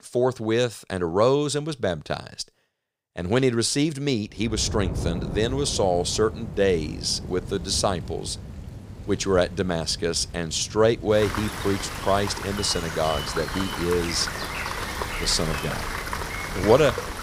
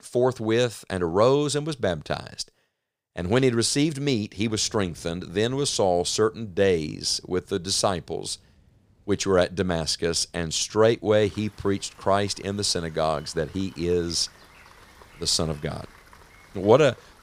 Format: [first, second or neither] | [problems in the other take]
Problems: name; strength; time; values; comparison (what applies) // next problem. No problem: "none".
second | rain or running water; loud; from 5 s on; 8 dB below the speech; faint in the second